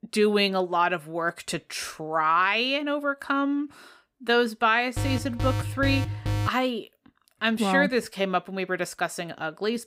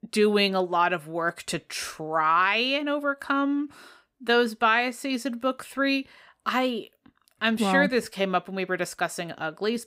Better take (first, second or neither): second